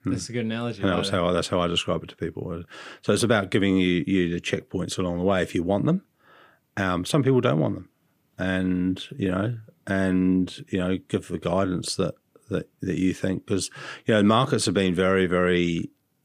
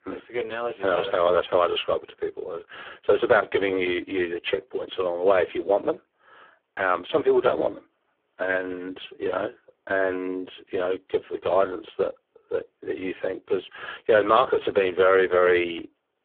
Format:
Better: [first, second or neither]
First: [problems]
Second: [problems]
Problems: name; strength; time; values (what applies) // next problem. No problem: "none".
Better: first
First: none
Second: phone-call audio; poor line